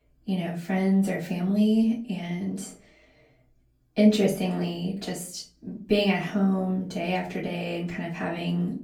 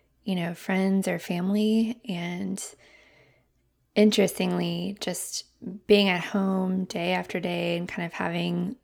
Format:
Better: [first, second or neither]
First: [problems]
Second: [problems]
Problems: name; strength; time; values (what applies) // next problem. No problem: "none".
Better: second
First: off-mic speech; far // room echo; slight; dies away in 0.3 s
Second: none